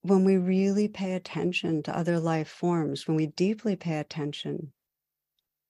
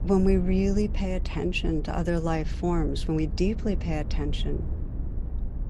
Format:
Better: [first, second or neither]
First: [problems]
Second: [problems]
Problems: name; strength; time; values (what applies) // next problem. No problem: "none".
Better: first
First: none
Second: low rumble; noticeable; throughout; 15 dB below the speech